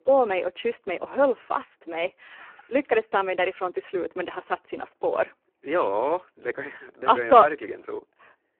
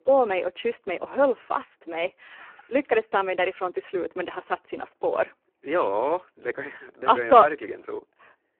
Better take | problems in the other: neither | phone-call audio; poor line; the same in both

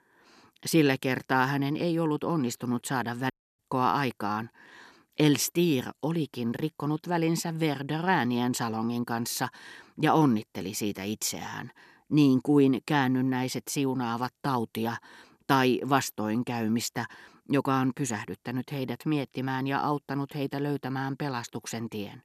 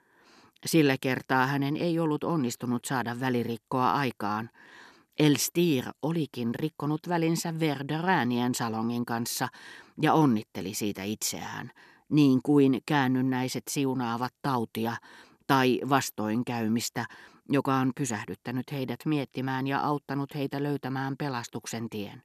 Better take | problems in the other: second | audio cutting out; at 3.5 s

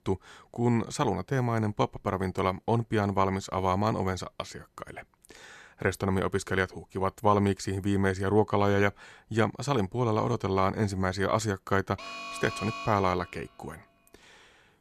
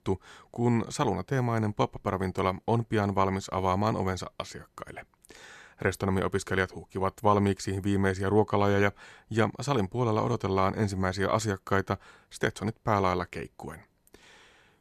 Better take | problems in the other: second | alarm; noticeable; from 12 to 13 s; peak 8 dB below the speech

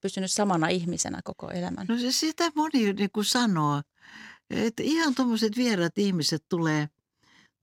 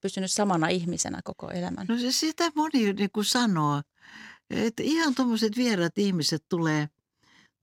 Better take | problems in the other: neither | none

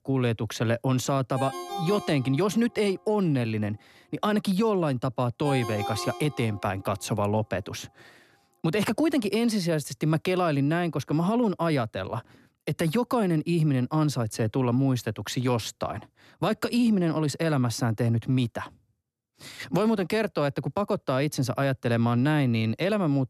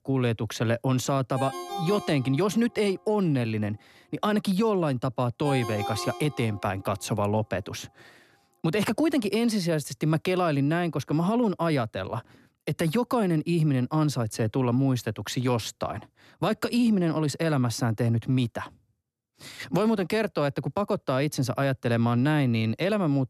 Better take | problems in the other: neither | phone ringing; noticeable; from 1.5 to 6.5 s; peak 7 dB below the speech; the same in both

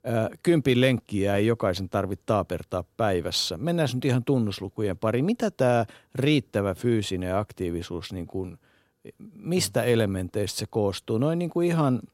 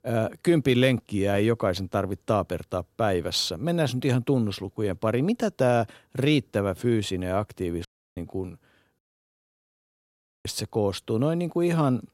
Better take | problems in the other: first | audio cutting out; at 8 s and at 9 s for 1.5 s

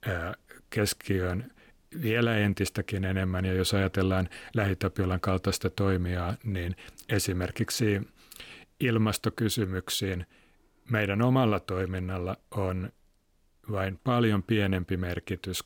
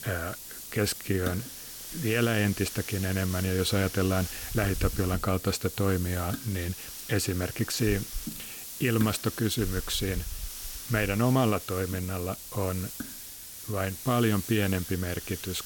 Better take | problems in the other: first | hiss; loud; throughout; 8 dB below the speech

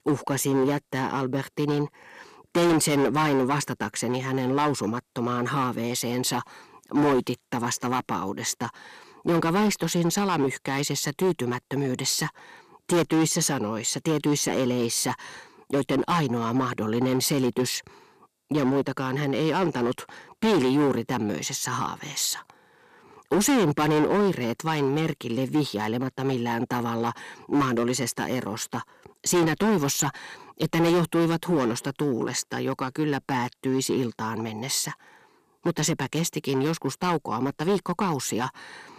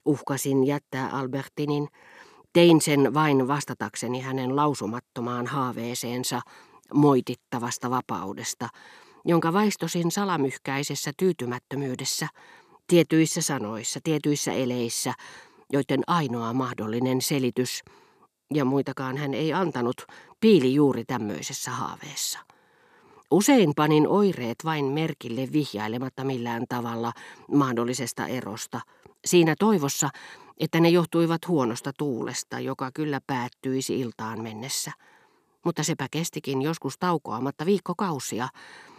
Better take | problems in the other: second | distortion; heavy; 8% of the sound clipped

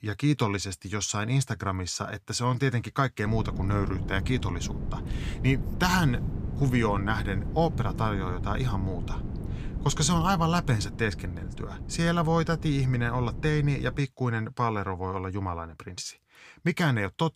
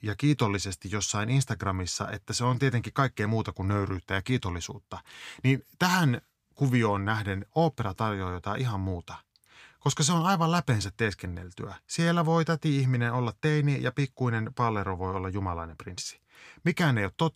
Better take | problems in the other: second | wind noise on the microphone; occasional gusts; from 3.5 to 14 s; 15 dB below the speech

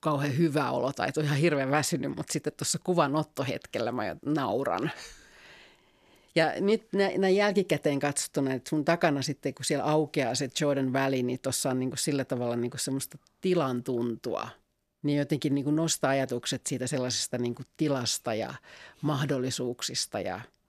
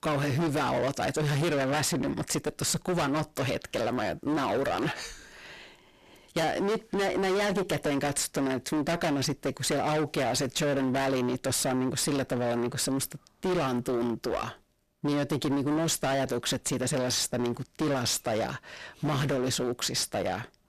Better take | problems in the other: first | distortion; heavy; 29% of the sound clipped

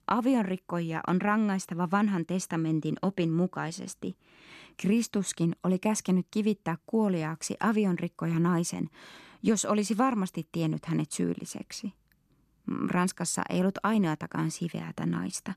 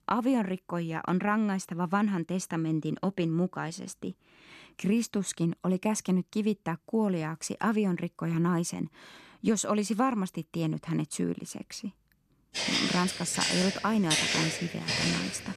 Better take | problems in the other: first | footsteps; loud; from 13 s on; peak 5 dB above the speech

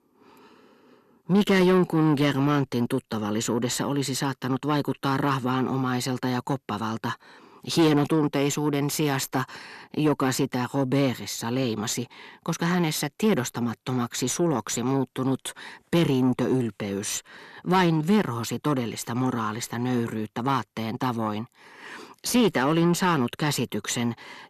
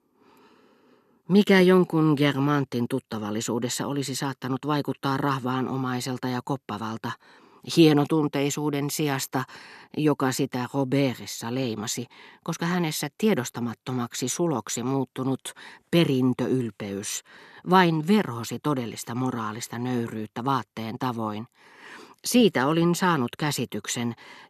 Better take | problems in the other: second | distortion; slight; 10 dB below the speech

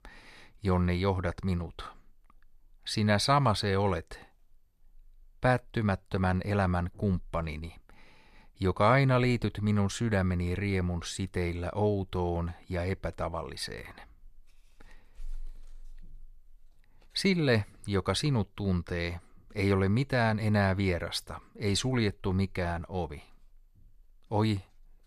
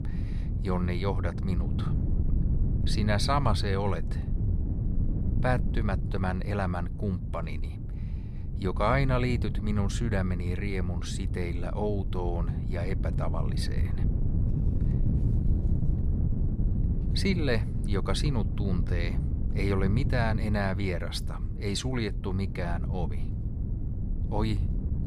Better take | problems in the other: first | wind noise on the microphone; occasional gusts; 10 dB below the speech

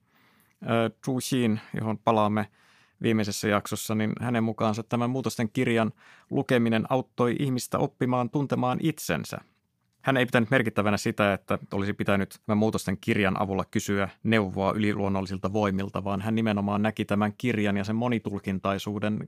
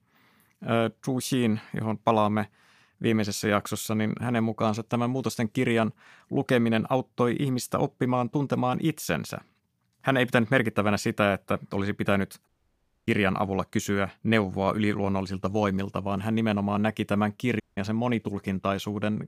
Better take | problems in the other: first | audio cutting out; at 12 s for 0.5 s and at 18 s

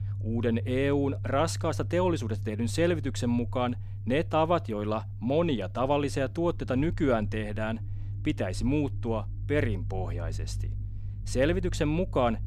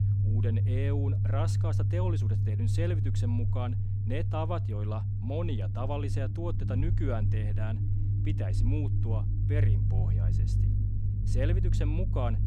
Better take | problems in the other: first | low rumble; loud; throughout; 3 dB below the speech; faint in the first

